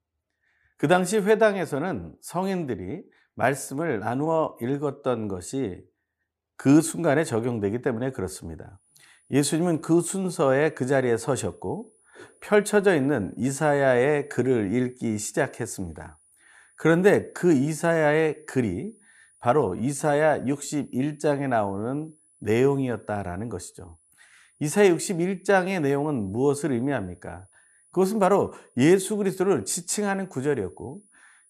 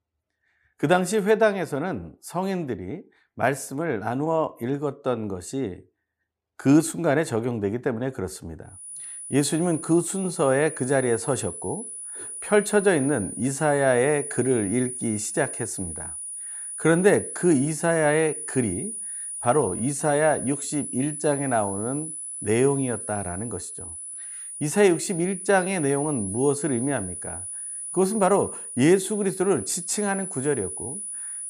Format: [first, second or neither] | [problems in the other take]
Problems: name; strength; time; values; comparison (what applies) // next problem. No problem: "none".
first | high-pitched whine; loud; from 9 s on; 9.5 kHz, 8 dB below the speech; faint in the first